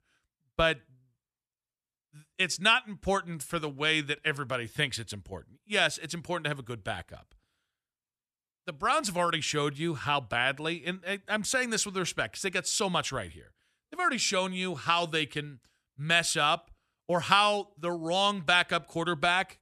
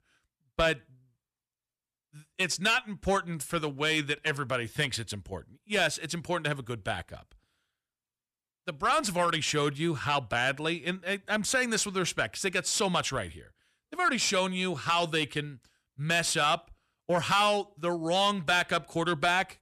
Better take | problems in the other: first | distortion; slight; 10 dB below the speech

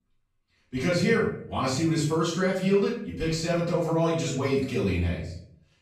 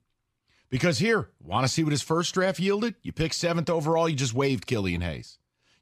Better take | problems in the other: second | off-mic speech; far // room echo; noticeable; dies away in 0.5 s

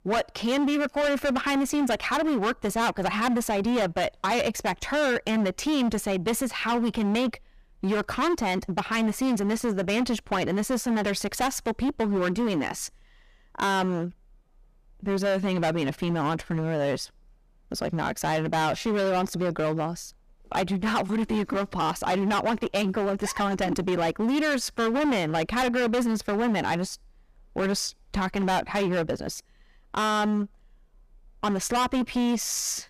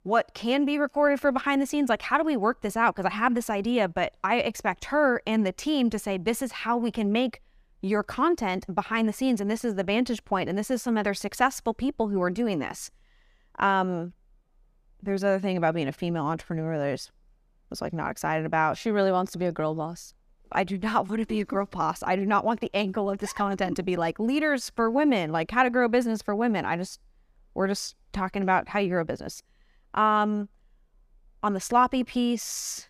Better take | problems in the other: second | distortion; heavy; 19% of the sound clipped

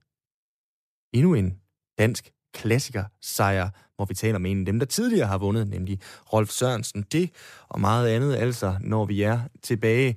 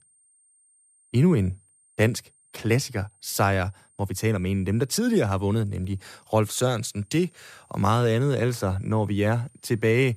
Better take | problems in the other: first | high-pitched whine; faint; throughout; 8.5 kHz, 35 dB below the speech

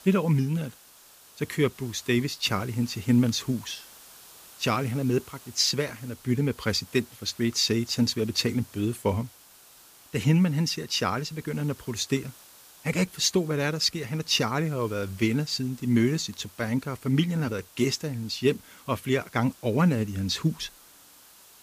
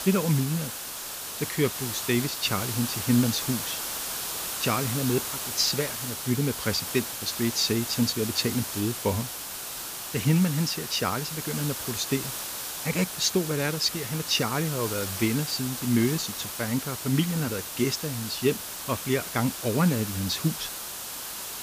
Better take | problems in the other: first | hiss; loud; throughout; 4 dB below the speech; faint in the first

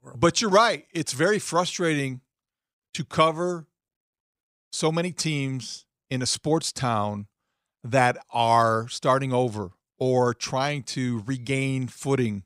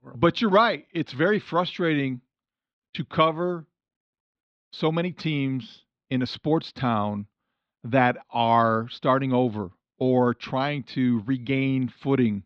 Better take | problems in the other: first | muffled; slightly; fading above 4 kHz

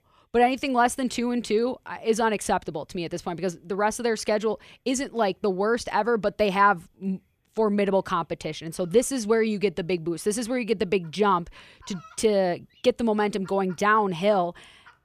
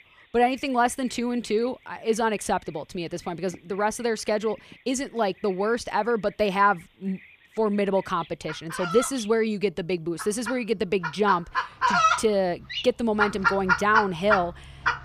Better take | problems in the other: first | animal sounds; loud; throughout; 1 dB below the speech; faint in the first

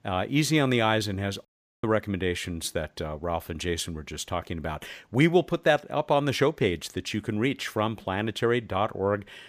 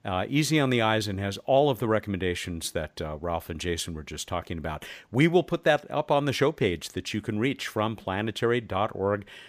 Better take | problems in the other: second | audio cutting out; at 1.5 s

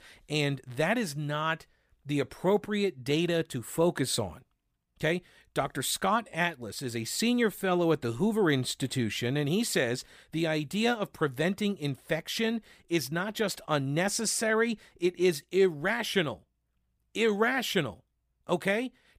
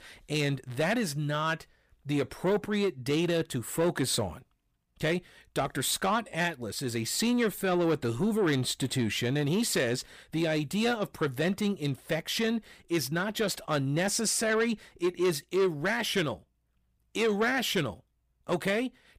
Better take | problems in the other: first | distortion; slight; 10 dB below the speech

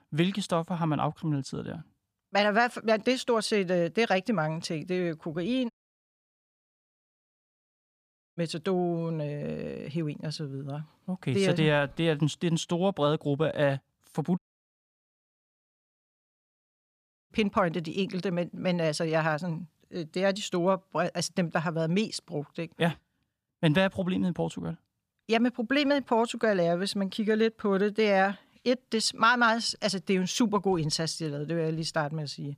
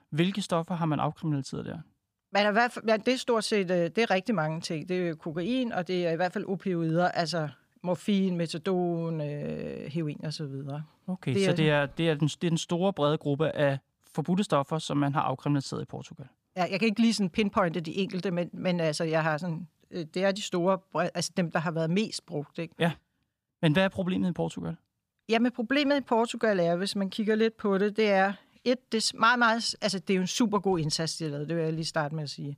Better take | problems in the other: second | audio cutting out; at 5.5 s for 2.5 s and at 14 s for 3 s

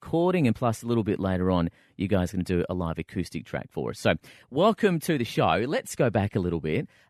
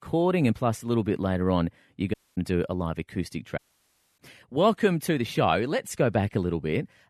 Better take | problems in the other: first | audio cutting out; at 2 s and at 3.5 s for 0.5 s

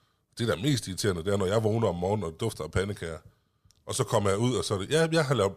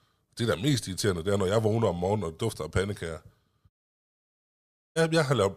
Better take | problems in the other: first | audio cutting out; at 3.5 s for 1.5 s

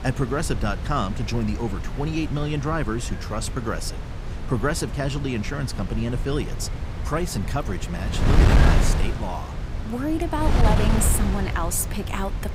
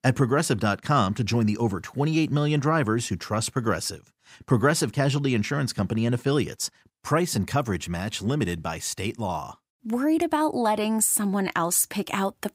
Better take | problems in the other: second | wind noise on the microphone; heavy; 4 dB below the speech

